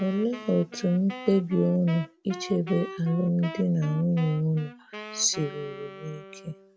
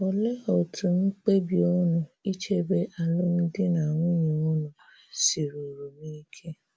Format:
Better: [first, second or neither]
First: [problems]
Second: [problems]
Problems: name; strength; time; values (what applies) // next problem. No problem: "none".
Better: second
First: background sound (Wind instrument, woodwind instrument); 15 dB below the speech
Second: none